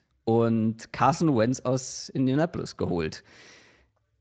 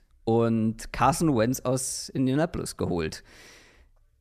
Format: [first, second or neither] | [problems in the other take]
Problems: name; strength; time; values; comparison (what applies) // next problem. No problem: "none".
second | garbled, watery; slightly; nothing above 7.5 kHz